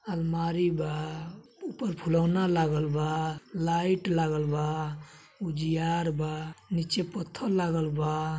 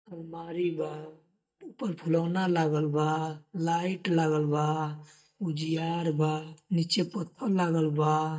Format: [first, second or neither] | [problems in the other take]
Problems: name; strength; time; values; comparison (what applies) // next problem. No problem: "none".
first | noise reduction (neural mask model DeepFilterNet 3)